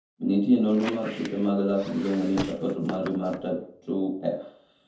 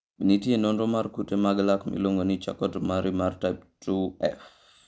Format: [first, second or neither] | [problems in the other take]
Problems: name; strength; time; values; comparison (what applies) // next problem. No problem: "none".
second | background sound (Squeak); 13 dB below the speech // room echo; dies away in 0.5 s